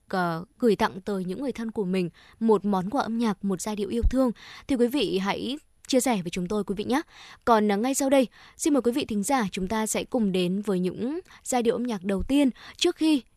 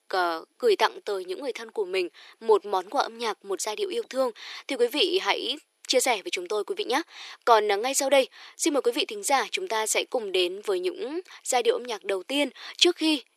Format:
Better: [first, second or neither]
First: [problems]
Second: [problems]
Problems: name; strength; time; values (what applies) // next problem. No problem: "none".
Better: first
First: none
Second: thin; very; fading below 350 Hz